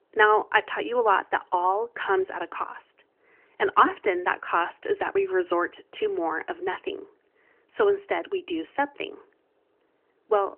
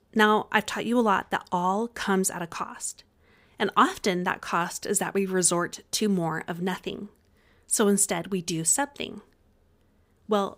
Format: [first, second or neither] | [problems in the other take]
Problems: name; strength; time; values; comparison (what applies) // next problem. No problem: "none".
second | phone-call audio; nothing above 3 kHz